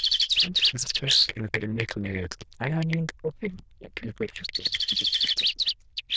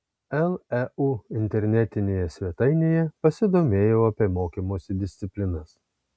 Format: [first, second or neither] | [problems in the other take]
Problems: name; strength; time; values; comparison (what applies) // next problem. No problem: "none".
second | noise reduction (neural diffusion model UNIVERSE++)